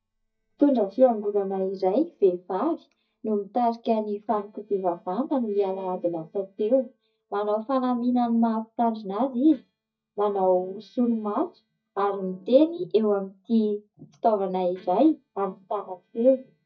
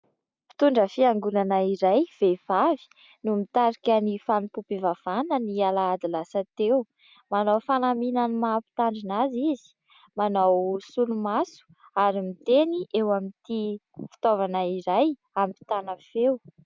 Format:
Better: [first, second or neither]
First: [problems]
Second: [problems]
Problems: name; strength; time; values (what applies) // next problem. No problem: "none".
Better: second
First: noise reduction (neural mask model DeepFilterNet 3)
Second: none